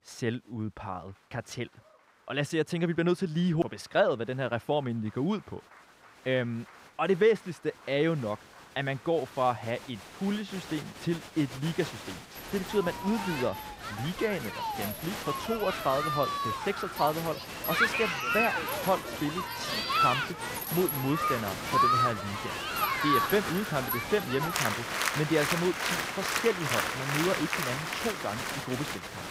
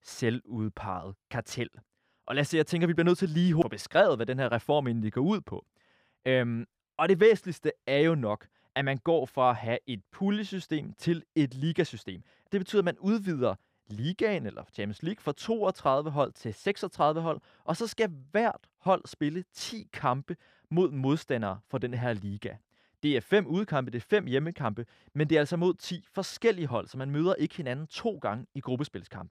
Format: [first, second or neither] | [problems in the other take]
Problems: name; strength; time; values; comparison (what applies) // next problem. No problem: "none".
second | crowd noise; very loud; throughout; 1 dB above the speech